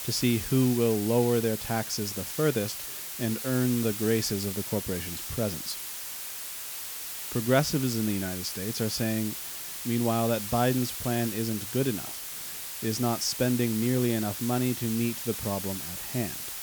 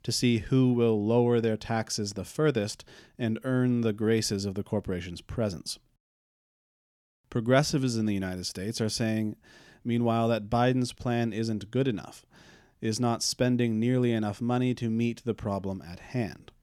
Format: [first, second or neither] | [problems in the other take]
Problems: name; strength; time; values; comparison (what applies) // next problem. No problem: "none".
second | hiss; loud; throughout; 5 dB below the speech